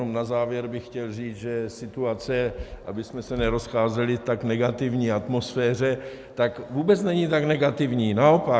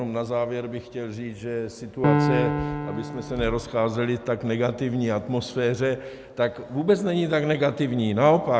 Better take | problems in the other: first | background sound (Piano); 3 dB below the speech

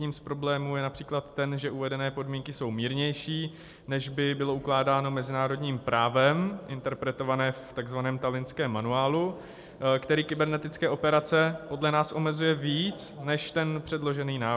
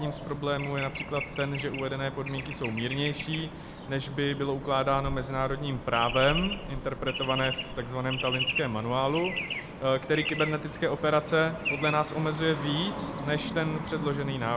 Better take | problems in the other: first | background sound (Traffic noise, roadway noise / Bird); 7 dB below the speech

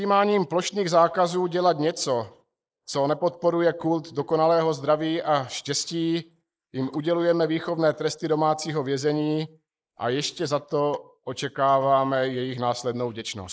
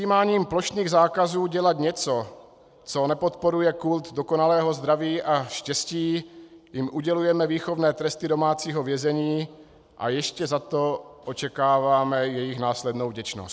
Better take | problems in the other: second | noise reduction (neural mask model Resemble Enhance denoiser)

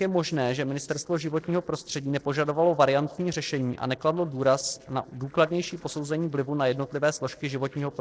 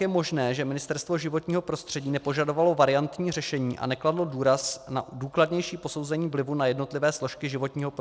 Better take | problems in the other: second | noise reduction (neural separator model SepFormer DNS4)

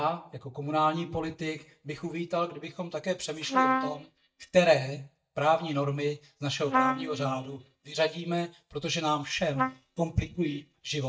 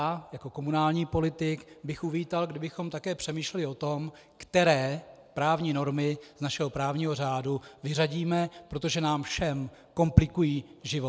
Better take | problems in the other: second | noise reduction (neural mask model DeepFilterNet 3)

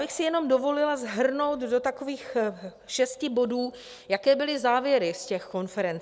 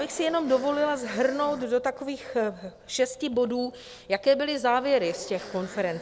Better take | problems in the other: first | background sound (Zipper (clothing)); 18 dB below the speech

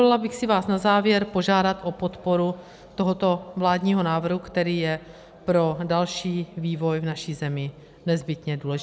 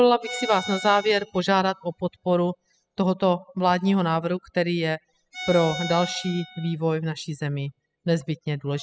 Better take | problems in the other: first | noise reduction (classical method spectral subtraction)

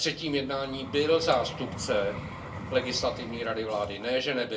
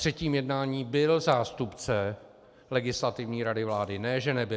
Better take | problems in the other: second | background sound (Vehicle); 11 dB below the speech // room echo; dies away in 0.2 s

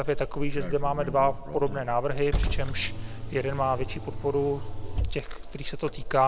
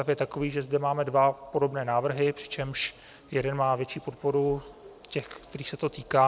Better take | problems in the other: second | background sound (Car); 1 dB below the speech

